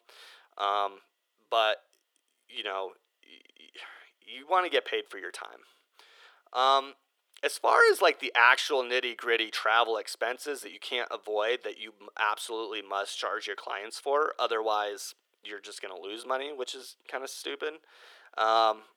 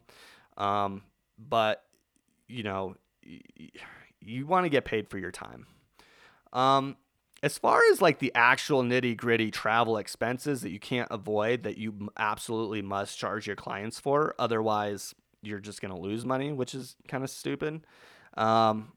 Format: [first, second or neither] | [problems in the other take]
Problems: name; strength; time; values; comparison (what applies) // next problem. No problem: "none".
second | thin; very; fading below 400 Hz